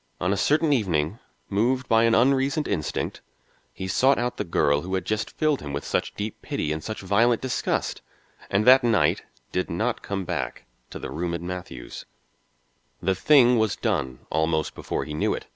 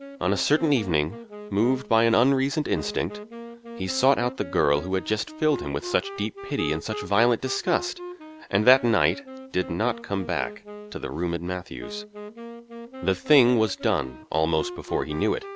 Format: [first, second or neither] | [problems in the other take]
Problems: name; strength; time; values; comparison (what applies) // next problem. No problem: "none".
first | background sound (Wind instrument, woodwind instrument); 13 dB below the speech